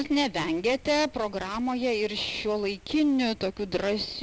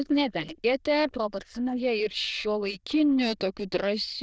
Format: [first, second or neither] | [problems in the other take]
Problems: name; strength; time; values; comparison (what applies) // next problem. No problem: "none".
first | noise reduction (neural diffusion model UNIVERSE++)